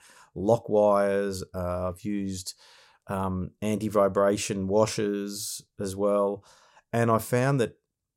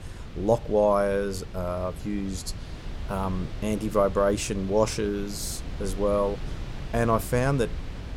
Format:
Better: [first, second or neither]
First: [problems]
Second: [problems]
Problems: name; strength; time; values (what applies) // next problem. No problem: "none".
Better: first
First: none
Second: wind noise on the microphone; occasional gusts; 20 dB below the speech